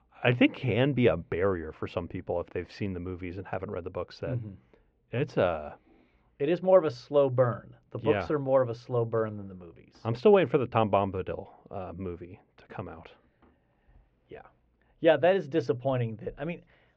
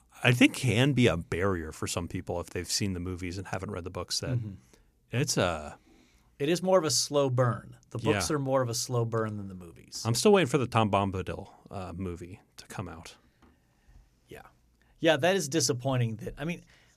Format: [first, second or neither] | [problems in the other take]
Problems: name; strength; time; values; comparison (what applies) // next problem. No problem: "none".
second | muffled; very; fading above 3 kHz